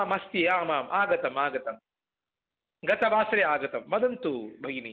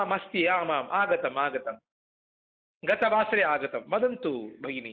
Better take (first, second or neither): first